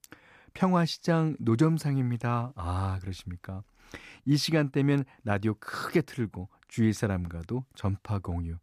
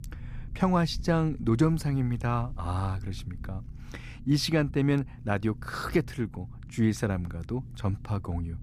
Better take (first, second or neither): first